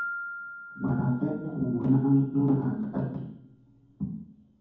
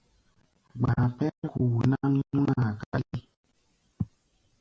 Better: second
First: background sound (Piano); 15 dB below the speech // room echo; dies away in 1.2 s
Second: none

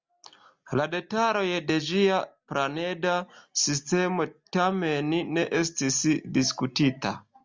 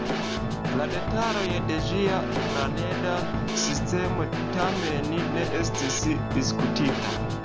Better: first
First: none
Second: background sound (Organ + Snare drum / Drum kit); 2 dB above the speech

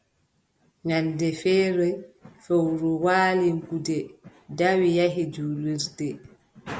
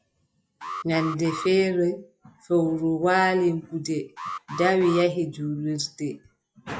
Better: first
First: none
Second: noise reduction (classical method log-MMSE)

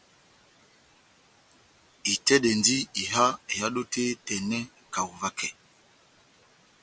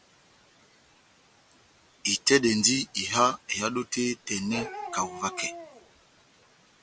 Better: first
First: none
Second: background sound (Bark); 11 dB below the speech

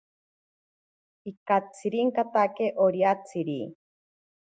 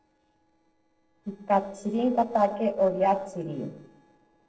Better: first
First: none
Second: noise reduction (neural separator model SepFormer DNS4)

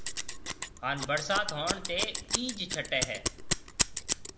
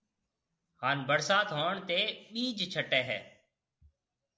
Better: second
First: background sound (Scissors); 1 dB above the speech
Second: none

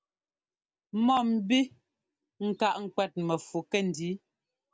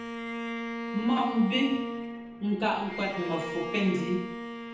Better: first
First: none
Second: background sound (Bowed string instrument); 6 dB below the speech // room echo; dies away in 0.9 s

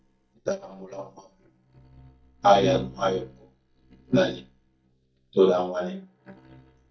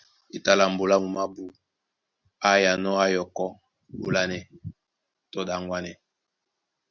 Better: second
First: noise reduction (neural mask model DeepFilterNet 3)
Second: none

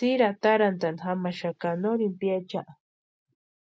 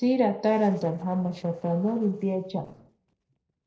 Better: first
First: none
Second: noise reduction (neural separator model SepFormer DNS4)

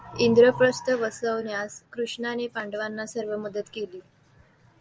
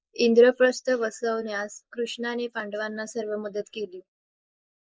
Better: first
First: none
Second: noise reduction (neural mask model Resemble Enhance denoiser)

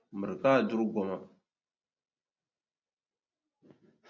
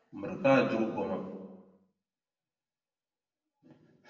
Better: first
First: none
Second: room echo; dies away in 1.1 s

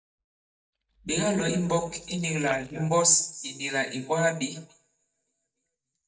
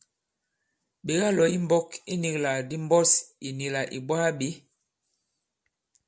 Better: second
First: noise reduction (neural mask model DeepFilterNet 3)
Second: none

